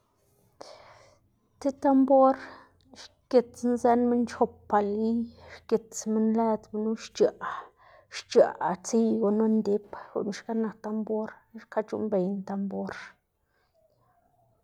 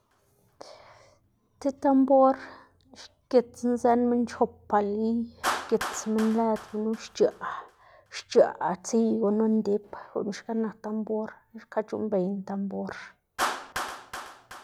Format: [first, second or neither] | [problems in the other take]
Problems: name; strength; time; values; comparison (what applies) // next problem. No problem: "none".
first | background sound (Clapping); 14 dB below the speech